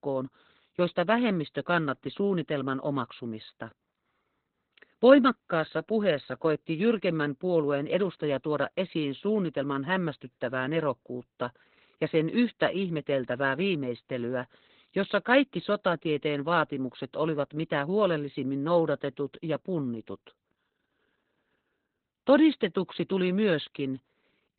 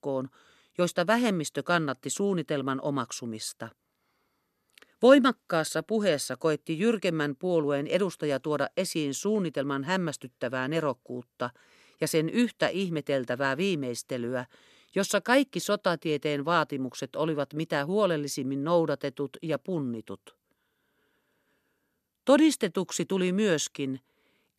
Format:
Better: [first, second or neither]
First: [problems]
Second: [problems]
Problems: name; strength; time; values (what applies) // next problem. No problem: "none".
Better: second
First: garbled, watery; badly; nothing above 4 kHz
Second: none